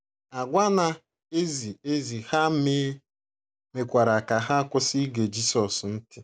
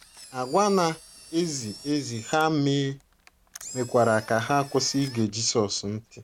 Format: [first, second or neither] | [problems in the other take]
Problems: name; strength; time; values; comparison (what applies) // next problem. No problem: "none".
first | background sound (Engine); 20 dB below the speech